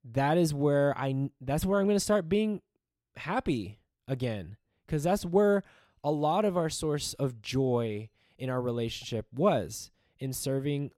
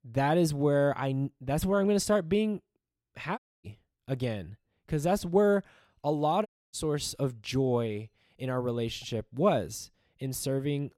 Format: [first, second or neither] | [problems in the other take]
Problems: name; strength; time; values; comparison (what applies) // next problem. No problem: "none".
first | audio cutting out; at 3.5 s and at 6.5 s